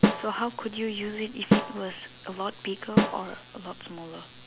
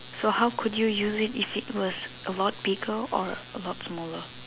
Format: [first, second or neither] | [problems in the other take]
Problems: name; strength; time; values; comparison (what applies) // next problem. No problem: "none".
second | background sound (Snare drum); 5 dB above the speech